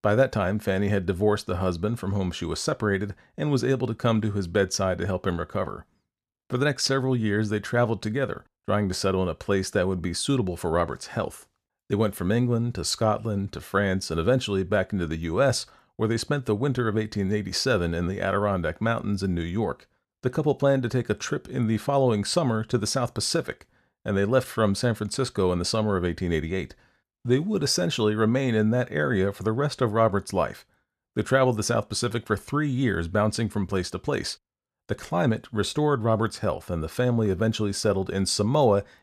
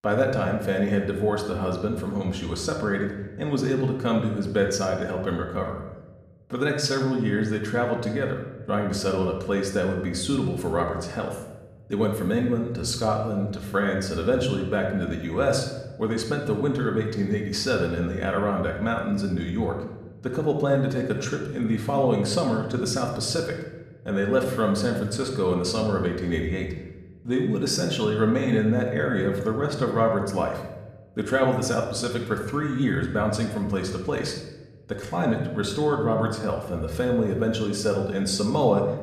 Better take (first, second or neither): first